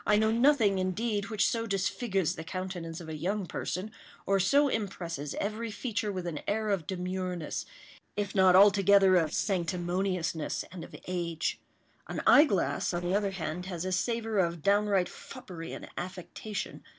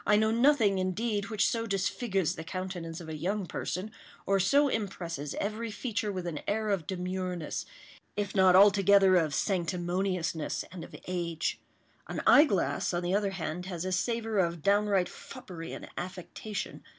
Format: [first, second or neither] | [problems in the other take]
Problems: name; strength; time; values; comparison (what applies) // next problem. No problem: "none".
second | noise reduction (neural separator model SepFormer DNS4)